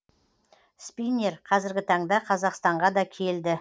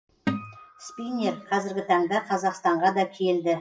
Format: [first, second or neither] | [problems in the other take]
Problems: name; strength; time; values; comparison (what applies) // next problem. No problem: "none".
first | noise reduction (classical method WPE with log-MMSE)